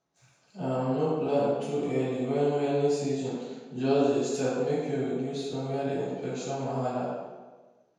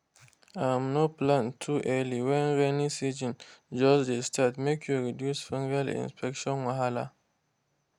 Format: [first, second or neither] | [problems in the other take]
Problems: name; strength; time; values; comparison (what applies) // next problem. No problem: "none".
second | room echo; dies away in 1.2 s